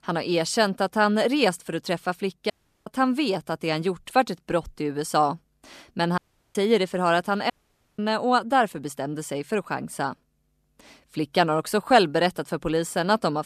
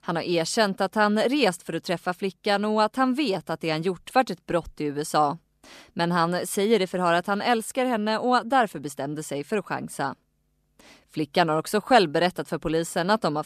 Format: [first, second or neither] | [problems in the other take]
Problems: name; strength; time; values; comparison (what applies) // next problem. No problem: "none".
second | audio cutting out; at 2.5 s, at 6 s and at 7.5 s